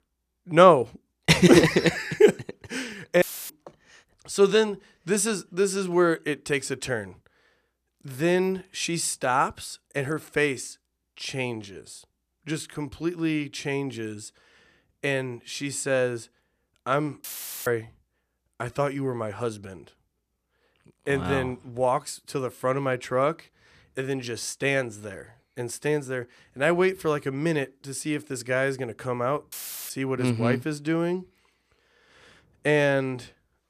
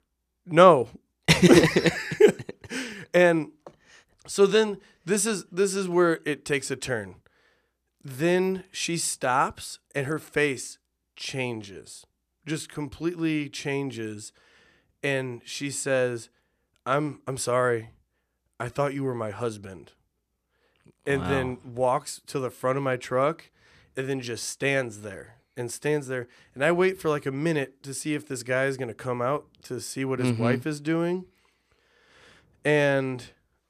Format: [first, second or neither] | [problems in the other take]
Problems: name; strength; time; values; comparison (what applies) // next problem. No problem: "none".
second | audio cutting out; filled with static; at 3 s, at 17 s and at 30 s